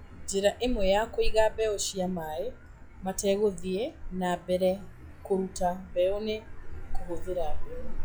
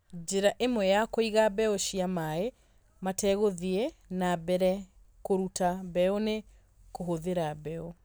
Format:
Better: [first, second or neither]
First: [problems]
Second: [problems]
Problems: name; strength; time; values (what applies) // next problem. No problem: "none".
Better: second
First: noise reduction (classical method log-MMSE)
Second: none